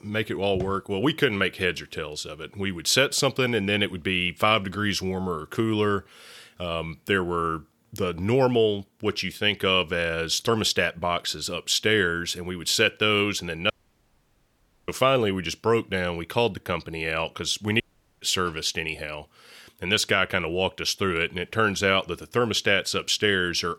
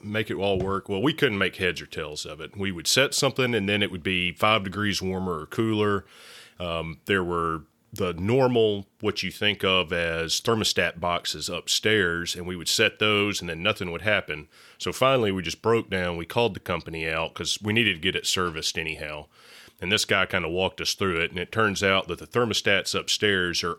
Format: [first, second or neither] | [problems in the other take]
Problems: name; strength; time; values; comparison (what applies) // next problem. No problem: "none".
second | audio cutting out; at 14 s for 1 s and at 18 s